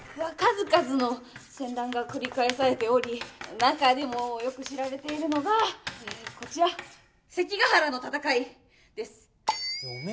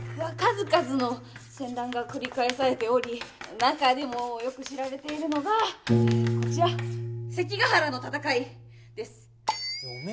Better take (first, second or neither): first